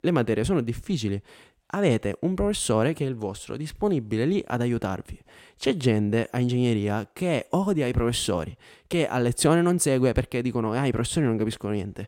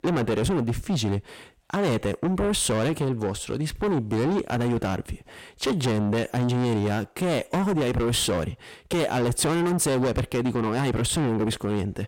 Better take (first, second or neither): first